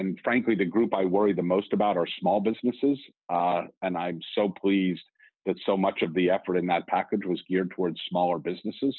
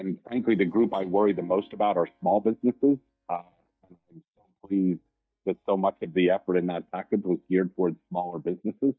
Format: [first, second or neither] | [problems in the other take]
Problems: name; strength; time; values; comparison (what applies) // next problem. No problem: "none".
first | noise reduction (neural mask model DeepFilterNet 3)